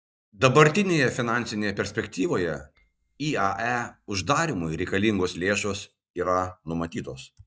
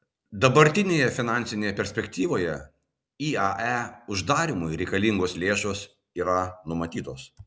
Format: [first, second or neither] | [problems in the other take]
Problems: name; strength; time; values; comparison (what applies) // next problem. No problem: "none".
second | noise reduction (neural mask model DeepFilterNet 3)